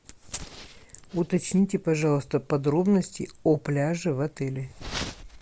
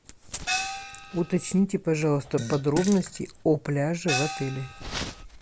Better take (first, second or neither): first